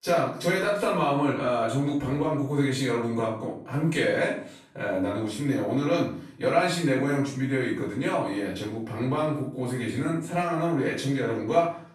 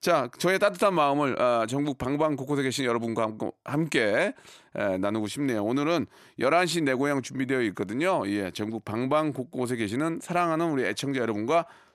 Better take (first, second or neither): second